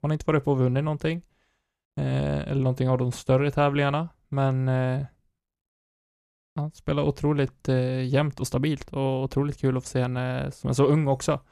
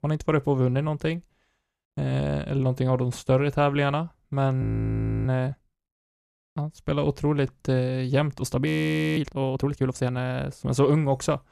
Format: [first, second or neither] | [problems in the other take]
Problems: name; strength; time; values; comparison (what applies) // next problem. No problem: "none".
first | audio freezing; at 4.5 s for 0.5 s and at 8.5 s for 0.5 s